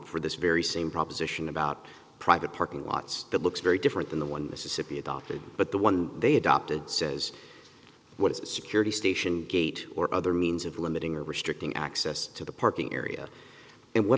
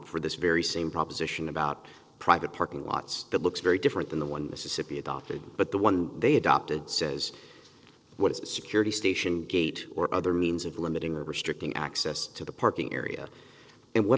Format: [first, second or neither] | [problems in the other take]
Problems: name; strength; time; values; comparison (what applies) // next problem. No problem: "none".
first | noise reduction (neural separator model SepFormer DNS4)